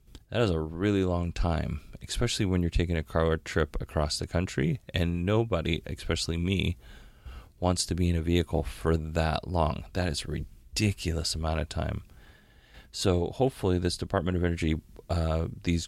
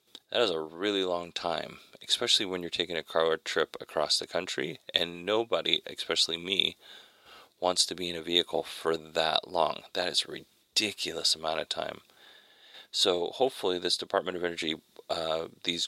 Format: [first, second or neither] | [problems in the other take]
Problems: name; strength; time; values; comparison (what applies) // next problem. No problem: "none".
first | thin; very; fading below 500 Hz